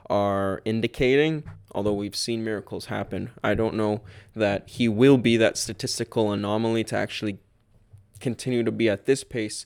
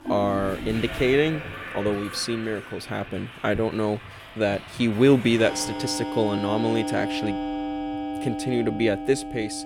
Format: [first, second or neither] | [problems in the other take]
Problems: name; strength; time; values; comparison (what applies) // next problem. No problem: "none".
first | household noises; loud; throughout; 8 dB below the speech